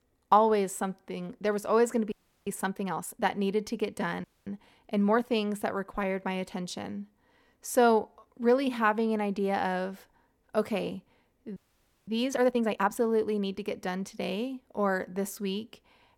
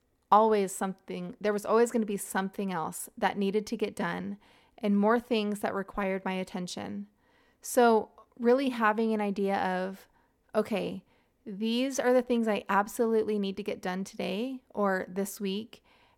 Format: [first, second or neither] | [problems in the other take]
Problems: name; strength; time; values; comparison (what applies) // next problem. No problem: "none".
second | audio freezing; at 2 s, at 4 s and at 12 s for 0.5 s